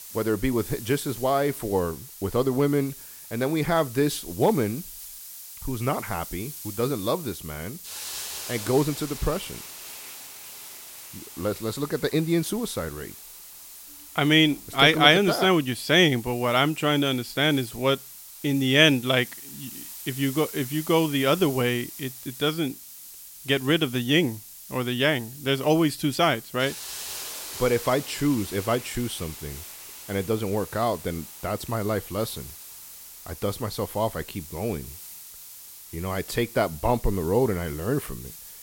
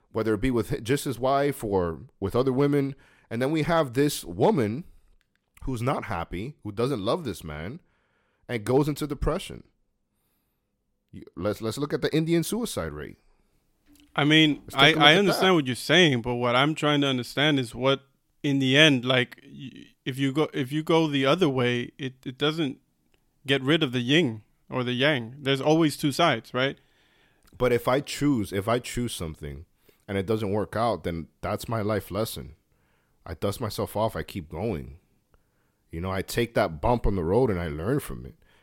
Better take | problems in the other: second | hiss; noticeable; throughout; 15 dB below the speech

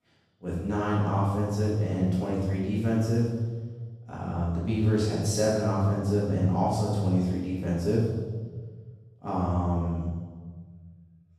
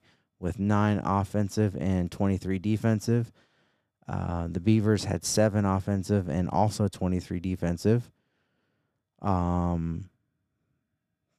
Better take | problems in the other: second | off-mic speech; far // room echo; strong; dies away in 1.3 s

